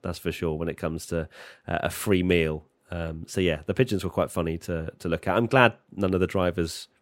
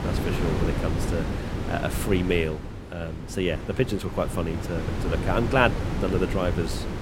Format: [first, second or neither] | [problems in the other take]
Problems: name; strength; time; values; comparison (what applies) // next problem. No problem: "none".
first | wind noise on the microphone; heavy; 7 dB below the speech